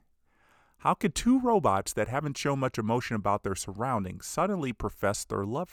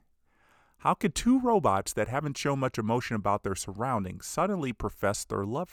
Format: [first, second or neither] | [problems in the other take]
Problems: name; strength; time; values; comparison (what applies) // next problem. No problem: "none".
neither | none